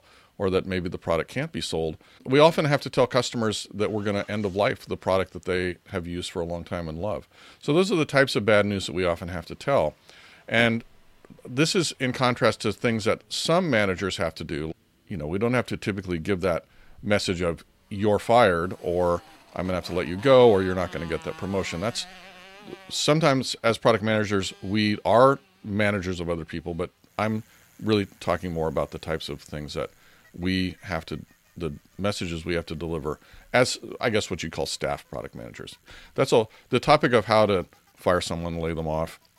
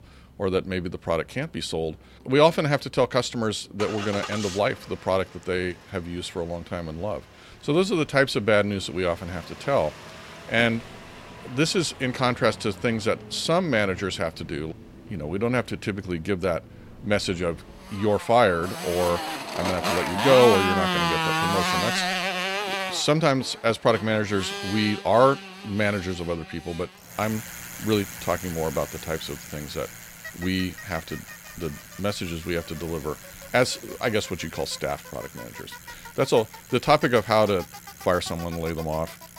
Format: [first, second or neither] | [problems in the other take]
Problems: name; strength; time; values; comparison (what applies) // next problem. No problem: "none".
first | traffic noise; loud; throughout; 7 dB below the speech; faint in the first